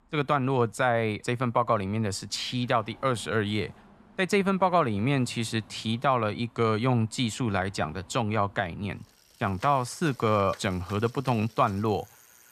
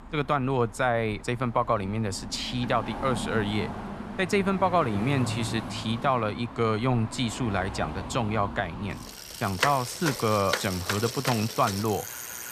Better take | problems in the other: first | traffic noise; loud; throughout; 7 dB below the speech; faint in the first

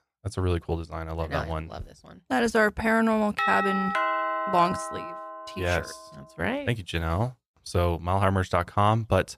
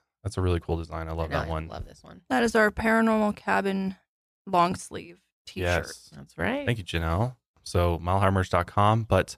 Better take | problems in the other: second | doorbell; loud; from 3.5 to 5.5 s; peak 2 dB above the speech

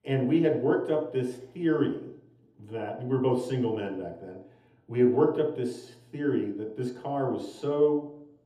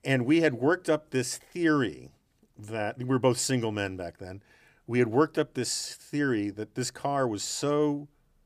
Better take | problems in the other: second | room echo; noticeable; dies away in 0.7 s // off-mic speech; far

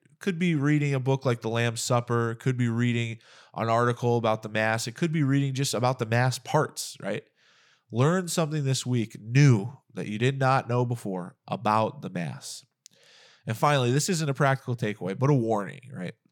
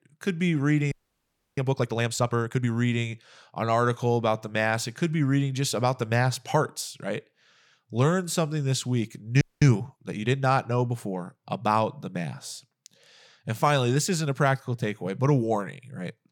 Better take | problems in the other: first | audio freezing; at 1 s for 0.5 s and at 9.5 s

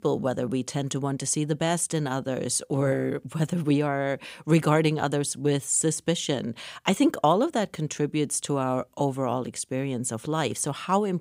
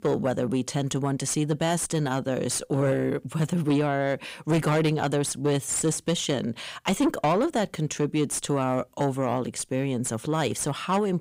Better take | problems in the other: first | distortion; slight; 10 dB below the speech

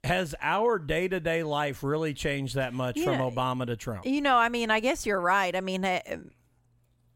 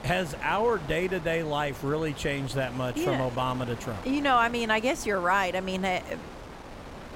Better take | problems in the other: first | wind noise on the microphone; occasional gusts; 15 dB below the speech

